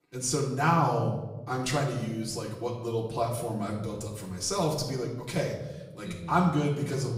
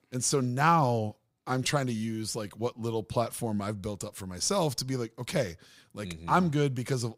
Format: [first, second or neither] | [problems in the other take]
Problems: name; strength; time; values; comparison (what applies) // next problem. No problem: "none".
second | room echo; noticeable; dies away in 0.9 s // off-mic speech; far